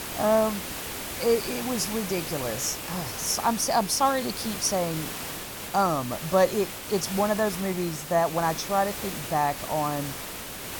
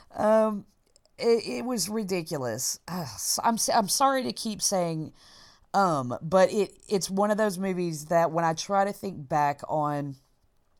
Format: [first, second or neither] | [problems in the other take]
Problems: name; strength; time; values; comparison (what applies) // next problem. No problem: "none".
second | hiss; loud; throughout; 7 dB below the speech